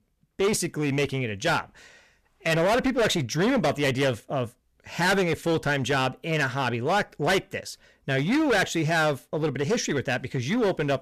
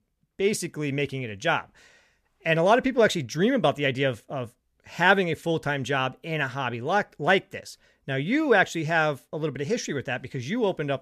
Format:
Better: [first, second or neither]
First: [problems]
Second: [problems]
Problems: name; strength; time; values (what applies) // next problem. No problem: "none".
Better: second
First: distortion; heavy; 14% of the sound clipped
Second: none